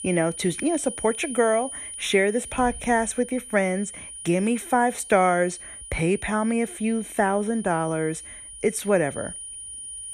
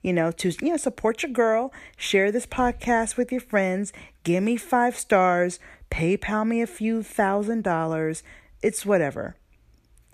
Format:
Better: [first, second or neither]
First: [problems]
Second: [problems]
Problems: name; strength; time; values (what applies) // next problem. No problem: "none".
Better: second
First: high-pitched whine; noticeable; throughout; 9.5 kHz, 10 dB below the speech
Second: none